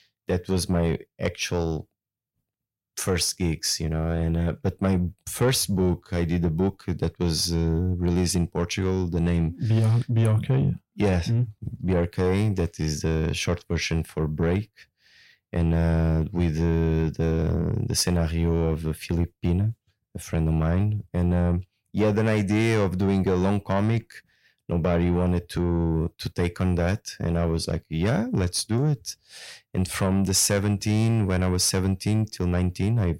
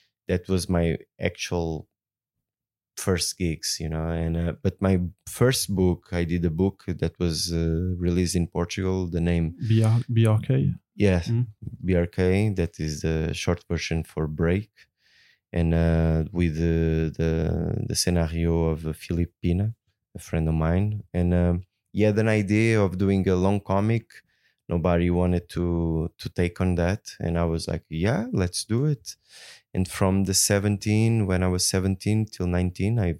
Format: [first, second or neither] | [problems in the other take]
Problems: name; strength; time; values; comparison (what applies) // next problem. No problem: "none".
second | distortion; slight; 10 dB below the speech